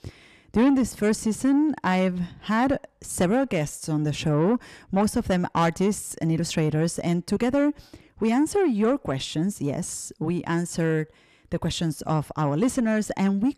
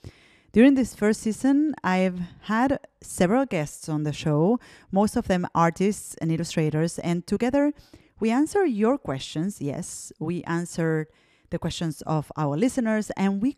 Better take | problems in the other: second | distortion; slight; 10 dB below the speech

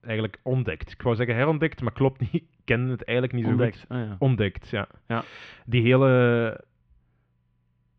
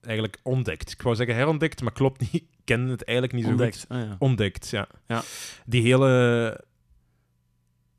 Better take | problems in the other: second | muffled; very; fading above 3 kHz

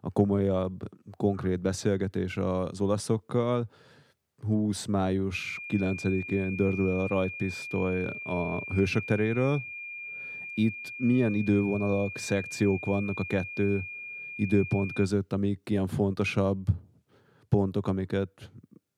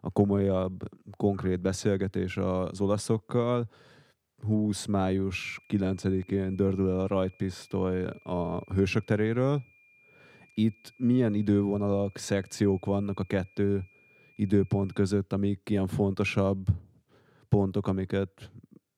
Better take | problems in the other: second | high-pitched whine; loud; from 5.5 to 15 s; 2.5 kHz, 9 dB below the speech; faint in the second

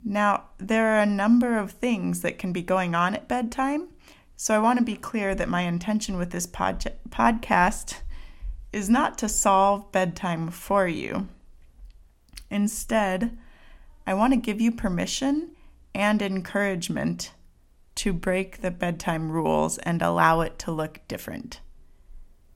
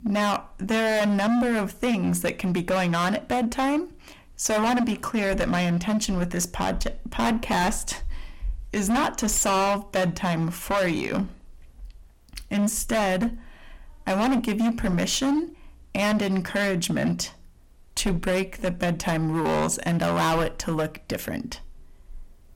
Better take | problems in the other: first | distortion; heavy; 16% of the sound clipped

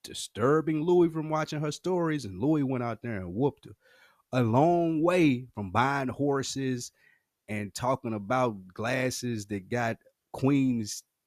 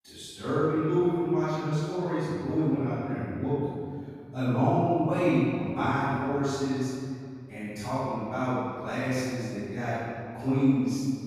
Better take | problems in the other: first | room echo; strong; dies away in 2.2 s // off-mic speech; far

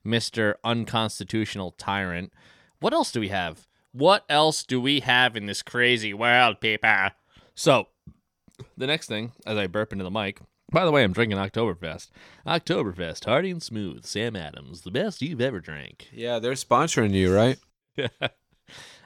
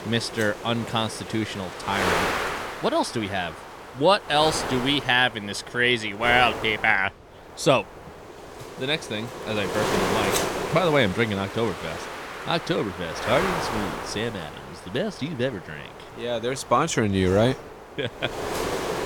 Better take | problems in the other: first | wind noise on the microphone; heavy; 6 dB below the speech

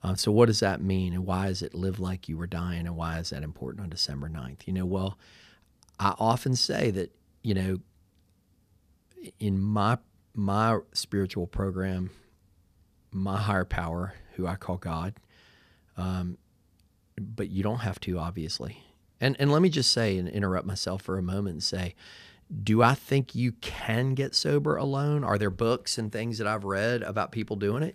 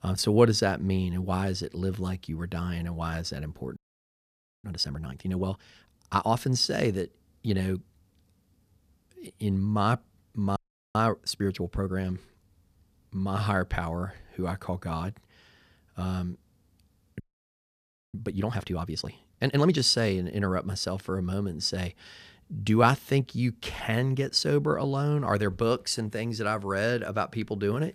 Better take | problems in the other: first | audio freezing; at 4 s for 1 s, at 11 s and at 17 s for 1 s

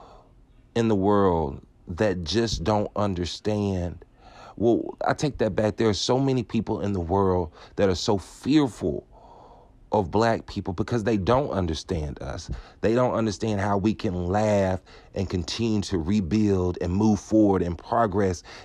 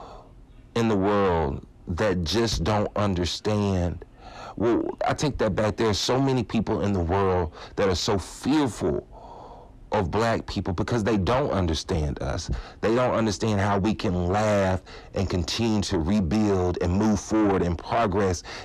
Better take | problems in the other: first | distortion; heavy; 8 dB below the speech

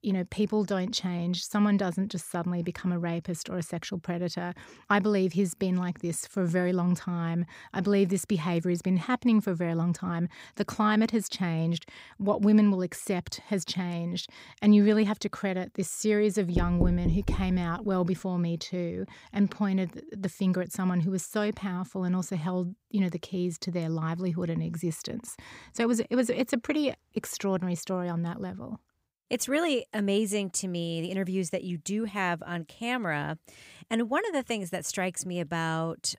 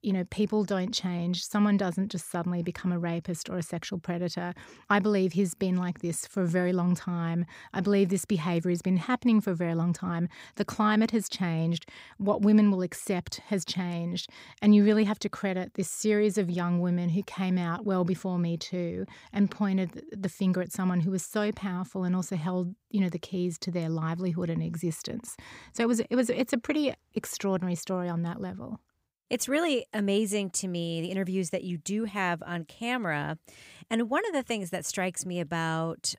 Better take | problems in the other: second | door banging; noticeable; from 17 to 18 s; peak 1 dB below the speech

